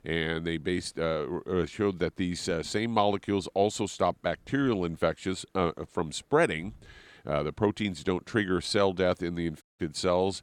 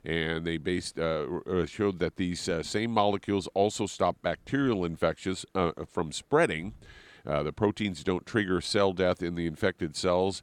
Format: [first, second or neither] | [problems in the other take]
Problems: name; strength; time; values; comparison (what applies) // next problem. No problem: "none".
second | audio cutting out; at 9.5 s